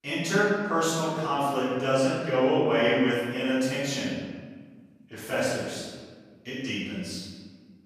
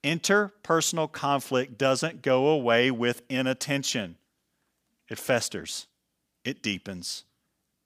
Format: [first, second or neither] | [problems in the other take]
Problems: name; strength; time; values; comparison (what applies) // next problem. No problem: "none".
second | room echo; strong; dies away in 1.4 s // off-mic speech; far